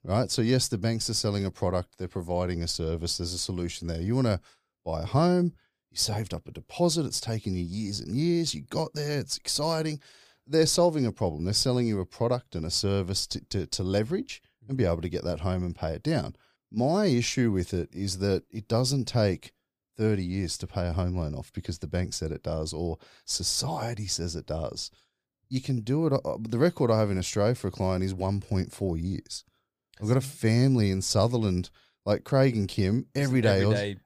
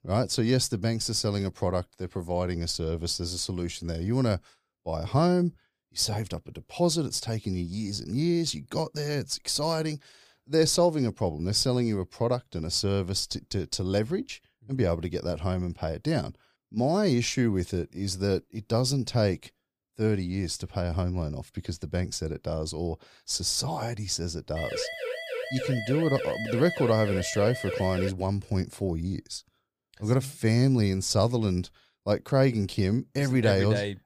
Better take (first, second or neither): first